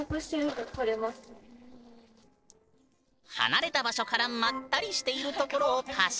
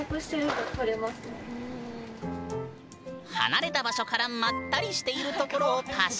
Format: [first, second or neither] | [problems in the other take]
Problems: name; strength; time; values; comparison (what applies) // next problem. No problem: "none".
second | noise reduction (neural separator model SepFormer DNS4)